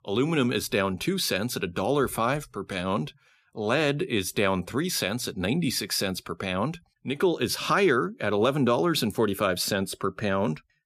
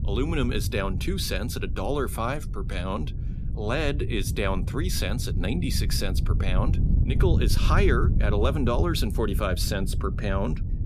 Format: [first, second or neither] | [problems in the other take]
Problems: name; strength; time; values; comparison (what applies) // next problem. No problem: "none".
first | wind noise on the microphone; occasional gusts; 10 dB below the speech